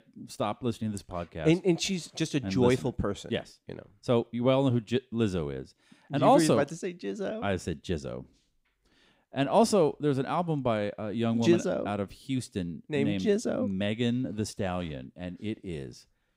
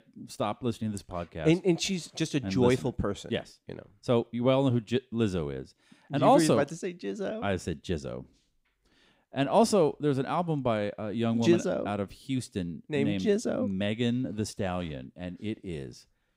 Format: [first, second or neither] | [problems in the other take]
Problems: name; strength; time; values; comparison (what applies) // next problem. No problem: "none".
neither | none